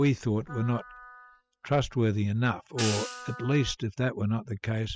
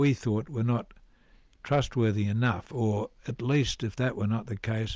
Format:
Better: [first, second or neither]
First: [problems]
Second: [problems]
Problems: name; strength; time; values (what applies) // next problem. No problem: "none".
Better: second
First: noise reduction (classical method spectral subtraction)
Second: none